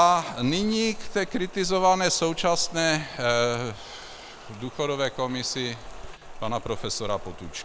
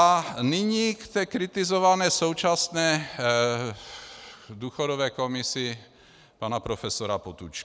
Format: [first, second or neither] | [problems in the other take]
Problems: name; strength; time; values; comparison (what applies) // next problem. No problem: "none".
second | background sound (Rain); 12 dB below the speech